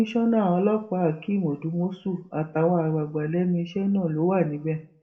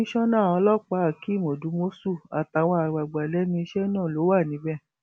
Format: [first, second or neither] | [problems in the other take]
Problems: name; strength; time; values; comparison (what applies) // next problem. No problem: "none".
second | room echo; dies away in 0.3 s